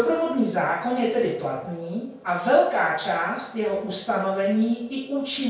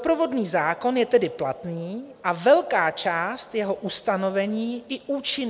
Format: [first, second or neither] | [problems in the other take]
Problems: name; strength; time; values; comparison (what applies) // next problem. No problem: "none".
second | room echo; dies away in 0.5 s